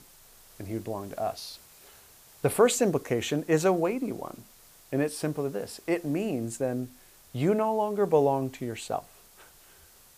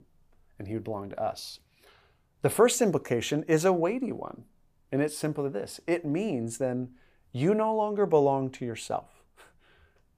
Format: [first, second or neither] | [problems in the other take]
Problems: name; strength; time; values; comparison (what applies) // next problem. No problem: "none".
second | hiss; faint; throughout; 25 dB below the speech